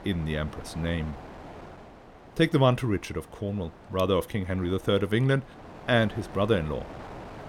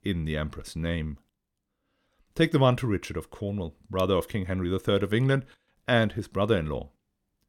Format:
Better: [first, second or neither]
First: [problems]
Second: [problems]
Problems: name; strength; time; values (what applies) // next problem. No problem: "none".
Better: second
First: wind noise on the microphone; occasional gusts; 15 dB below the speech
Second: none